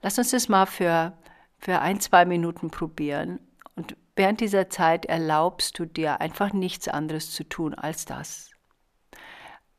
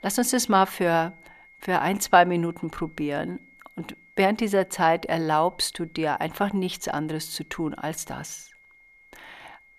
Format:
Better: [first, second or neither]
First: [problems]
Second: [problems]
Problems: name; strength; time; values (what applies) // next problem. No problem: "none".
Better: first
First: none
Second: high-pitched whine; faint; throughout; 2 kHz, 30 dB below the speech